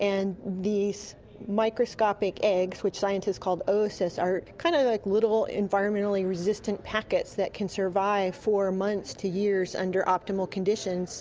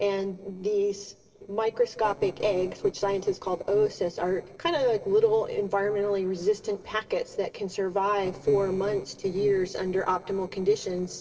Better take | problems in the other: first | noise reduction (neural separator model SepFormer DNS4)

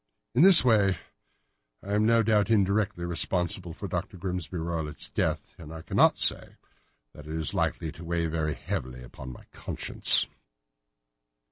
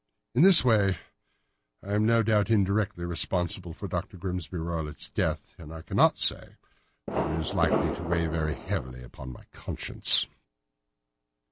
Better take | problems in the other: first | background sound (Fireworks); 2 dB below the speech

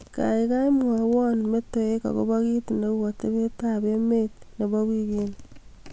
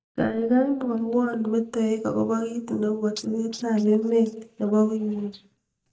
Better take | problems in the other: first | noise reduction (neural mask model DeepFilterNet 3)

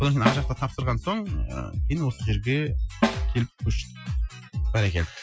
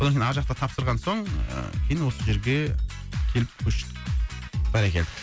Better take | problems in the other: second | noise reduction (classical method Wiener filter)

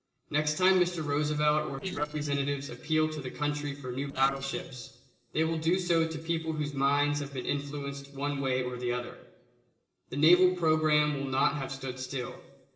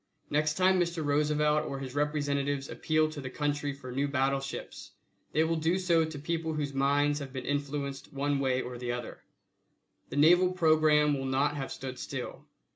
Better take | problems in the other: second | noise reduction (neural separator model SepFormer DNS4)

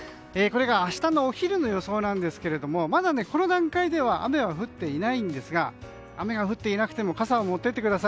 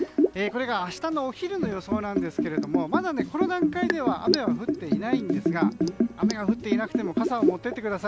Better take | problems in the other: first | background sound (Liquid); 3 dB above the speech

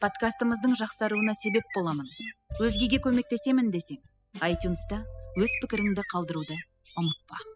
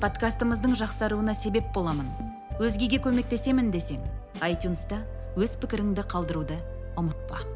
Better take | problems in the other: second | noise reduction (classical method spectral subtraction)

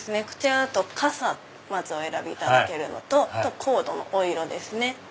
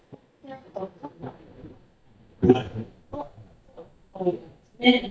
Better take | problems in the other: first | noise reduction (neural mask model DeepFilterNet 3)

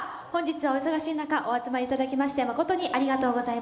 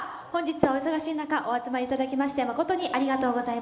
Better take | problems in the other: first | background sound (Tap); 1 dB below the speech

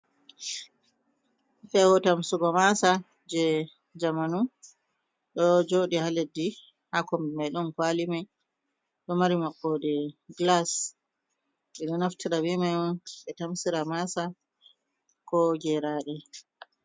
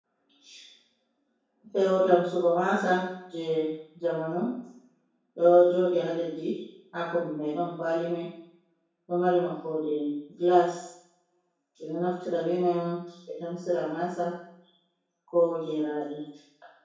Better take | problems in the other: first | room echo; dies away in 0.7 s

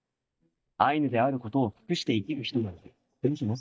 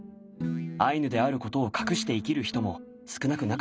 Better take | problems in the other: second | noise reduction (neural mask model DeepFilterNet 3)

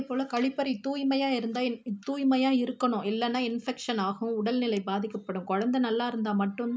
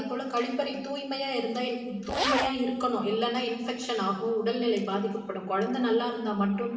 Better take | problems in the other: first | background sound (Zipper (clothing)); 2 dB below the speech // room echo; dies away in 1 s

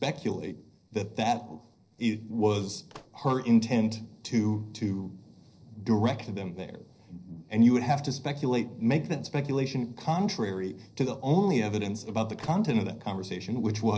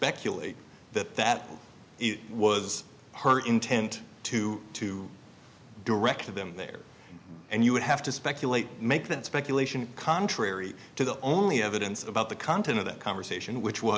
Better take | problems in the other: second | noise reduction (neural separator model SepFormer DNS4)

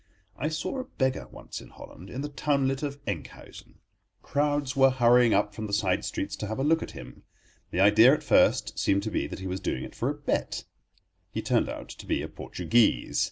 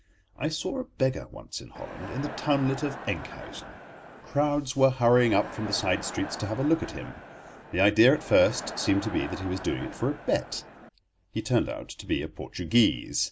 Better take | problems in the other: first | background sound (Crowd); 13 dB below the speech

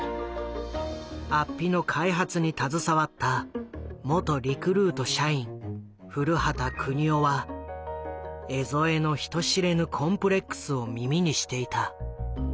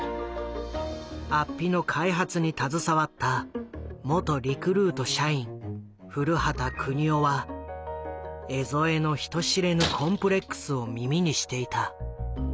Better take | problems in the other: first | background sound (Shatter); 10 dB below the speech

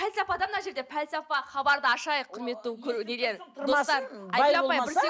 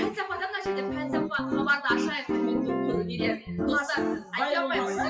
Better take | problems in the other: first | noise reduction (classical method WPE with log-MMSE)

